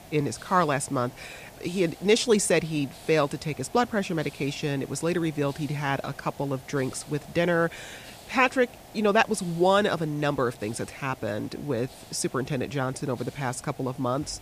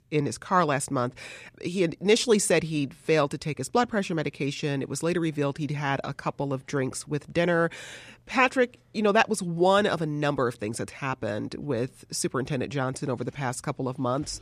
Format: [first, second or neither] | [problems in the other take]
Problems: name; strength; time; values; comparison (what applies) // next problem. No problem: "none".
second | hiss; faint; throughout; 20 dB below the speech